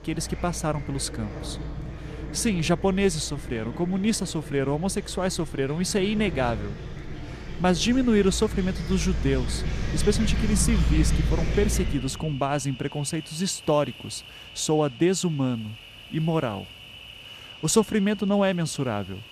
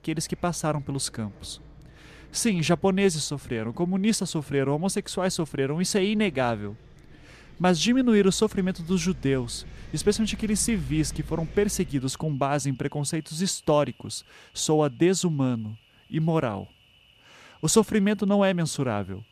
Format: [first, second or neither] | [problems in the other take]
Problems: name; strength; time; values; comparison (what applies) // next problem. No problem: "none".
second | animal sounds; loud; throughout; 8 dB below the speech; faint in the second